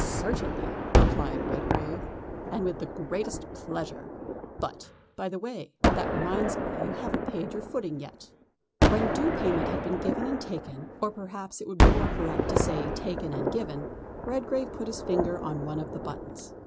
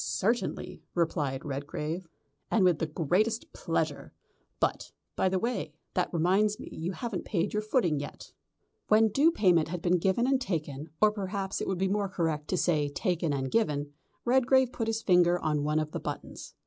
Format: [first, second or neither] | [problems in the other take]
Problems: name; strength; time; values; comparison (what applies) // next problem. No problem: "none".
second | background sound (Gunshot, gunfire); 5 dB above the speech